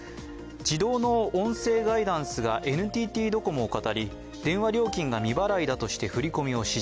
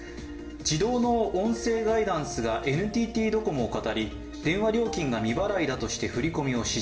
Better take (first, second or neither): first